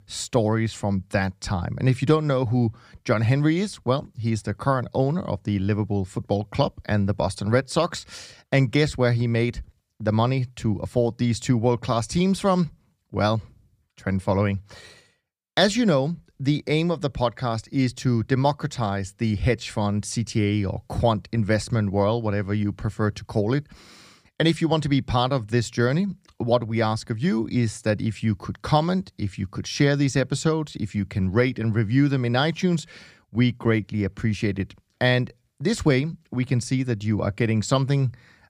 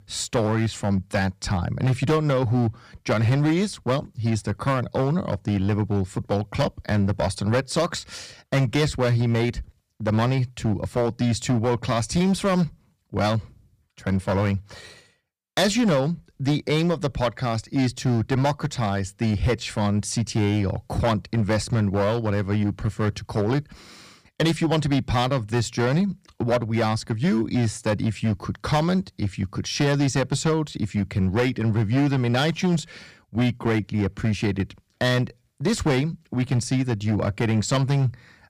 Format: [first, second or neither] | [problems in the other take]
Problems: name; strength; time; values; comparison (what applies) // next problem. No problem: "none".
first | distortion; slight; 9% of the sound clipped